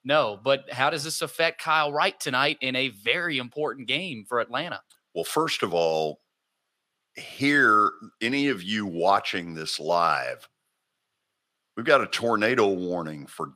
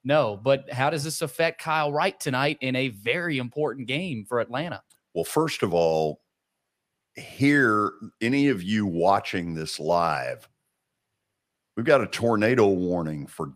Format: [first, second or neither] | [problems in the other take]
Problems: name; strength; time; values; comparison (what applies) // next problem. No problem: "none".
second | thin; very slightly; fading below 300 Hz